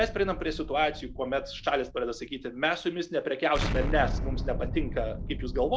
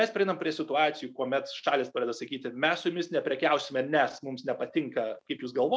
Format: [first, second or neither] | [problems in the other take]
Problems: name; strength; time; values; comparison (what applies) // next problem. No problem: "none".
second | background sound (Explosion); 4 dB below the speech